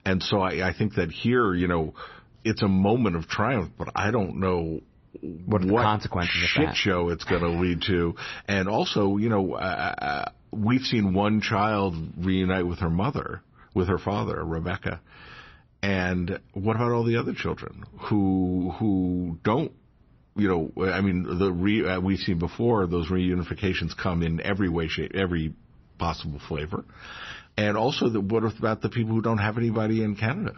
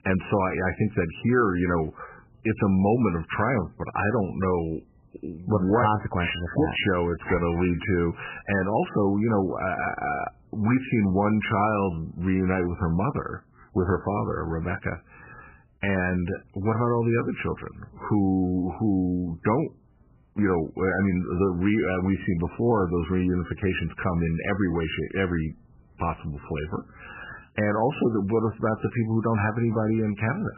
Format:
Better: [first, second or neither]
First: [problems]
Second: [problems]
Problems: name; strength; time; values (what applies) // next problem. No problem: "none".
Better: first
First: garbled, watery; slightly; nothing above 6 kHz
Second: garbled, watery; badly; nothing above 3 kHz